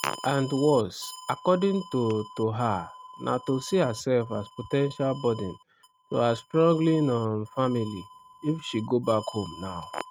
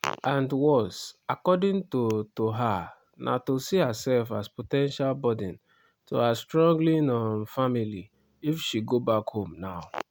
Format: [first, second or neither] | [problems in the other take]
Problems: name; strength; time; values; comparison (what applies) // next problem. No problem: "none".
second | noise reduction (neural mask model RNNoise)